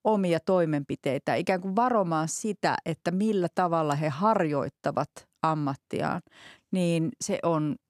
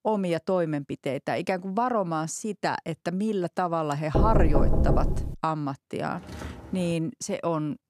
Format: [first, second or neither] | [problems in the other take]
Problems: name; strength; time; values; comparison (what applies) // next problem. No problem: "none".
first | door banging; loud; from 4 to 5.5 s; peak 5 dB above the speech // footsteps; faint; at 6 s; peak 10 dB below the speech